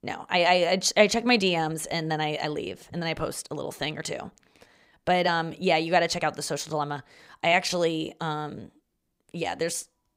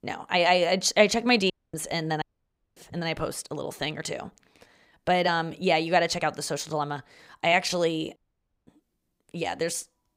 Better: first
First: none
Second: audio cutting out; at 1.5 s, at 2 s for 0.5 s and at 8 s for 0.5 s

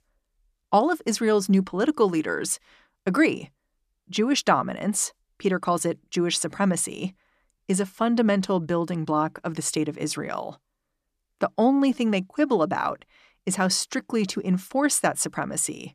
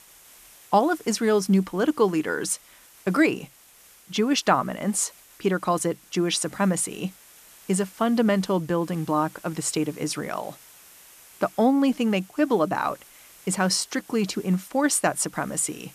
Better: first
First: none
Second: hiss; faint; throughout; 25 dB below the speech

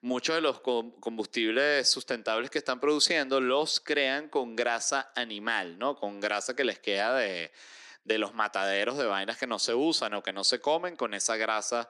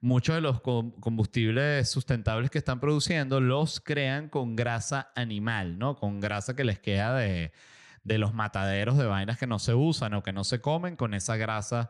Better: second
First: thin; very; fading below 300 Hz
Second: none

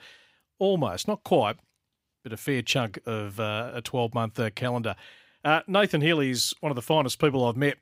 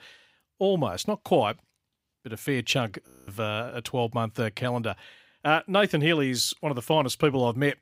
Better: first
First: none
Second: audio freezing; at 3 s

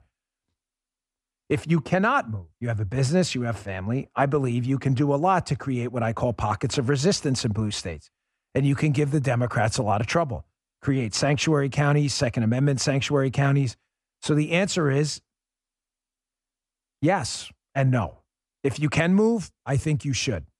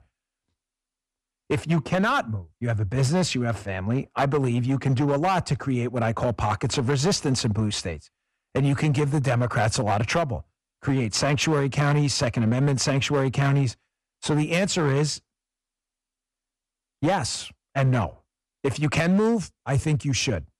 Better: first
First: none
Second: distortion; slight; 8% of the sound clipped

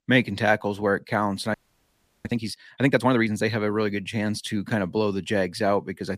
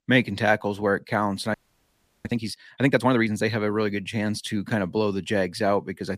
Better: neither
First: audio freezing; at 1.5 s for 0.5 s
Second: audio freezing; at 1.5 s for 0.5 s

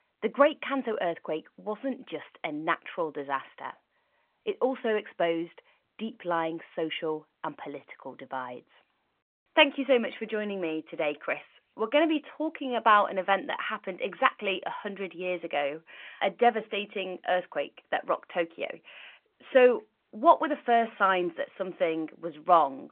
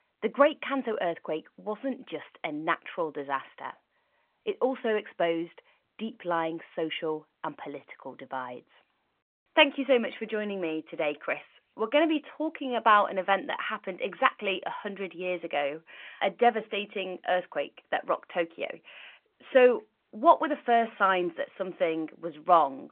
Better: neither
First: phone-call audio; nothing above 3 kHz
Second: phone-call audio; nothing above 3 kHz

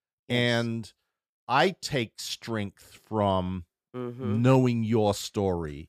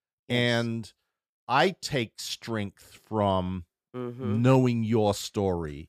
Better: neither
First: none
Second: none

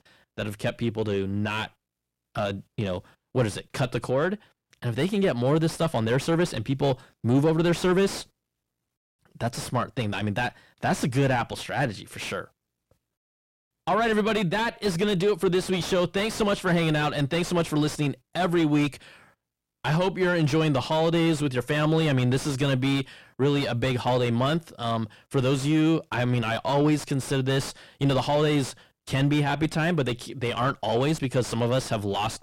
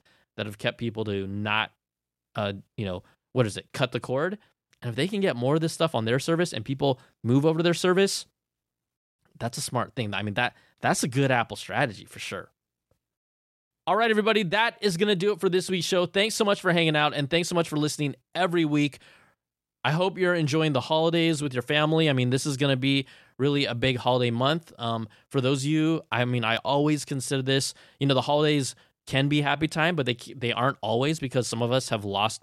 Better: second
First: distortion; heavy; 6 dB below the speech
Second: none

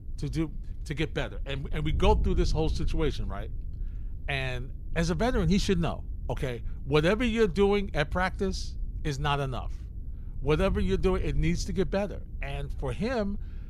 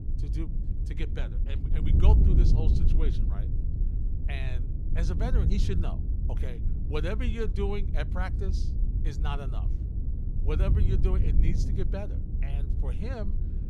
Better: first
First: wind noise on the microphone; occasional gusts; 25 dB below the speech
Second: wind noise on the microphone; heavy; 5 dB below the speech

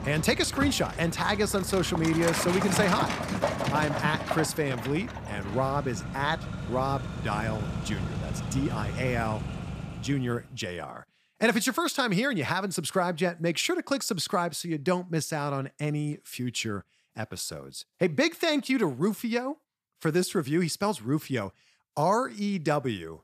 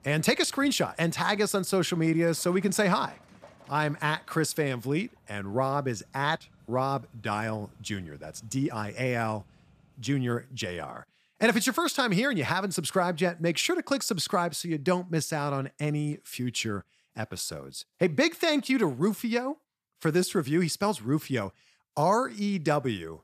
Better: second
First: traffic noise; loud; until 10 s; 5 dB below the speech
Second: traffic noise; faint; until 10 s; 30 dB below the speech

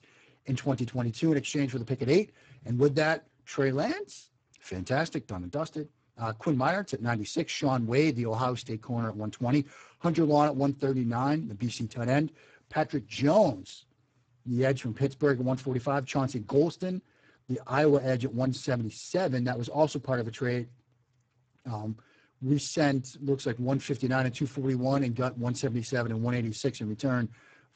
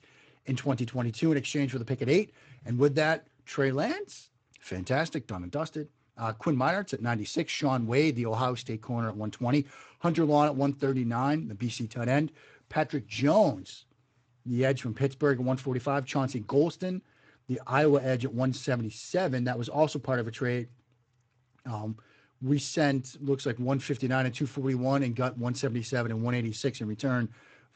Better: second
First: garbled, watery; badly; nothing above 8 kHz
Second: garbled, watery; slightly; nothing above 8 kHz

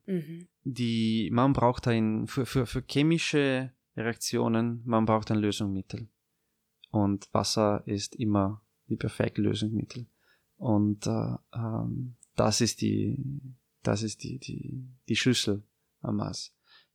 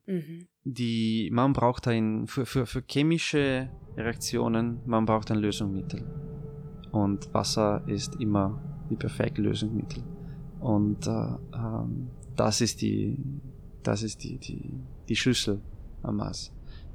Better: first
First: none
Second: low rumble; faint; from 3.5 s on; 20 dB below the speech

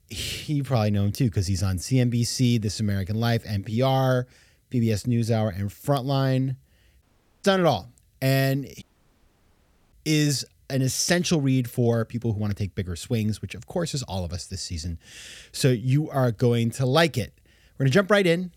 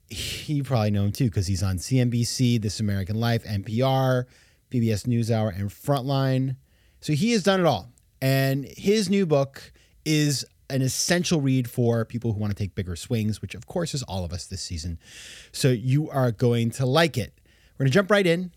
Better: second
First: audio cutting out; at 7 s and at 9 s for 1 s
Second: none

